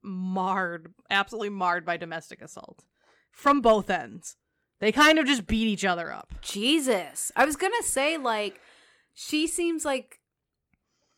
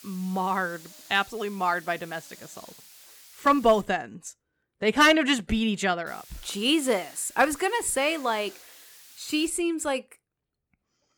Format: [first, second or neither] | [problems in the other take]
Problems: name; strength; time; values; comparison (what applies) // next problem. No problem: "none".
first | hiss; faint; until 4 s and from 6 to 9.5 s; 20 dB below the speech